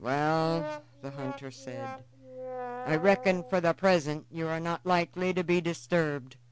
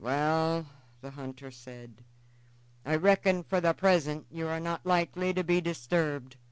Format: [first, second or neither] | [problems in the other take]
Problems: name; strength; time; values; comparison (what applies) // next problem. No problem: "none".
second | background sound (Brass instrument); 11 dB below the speech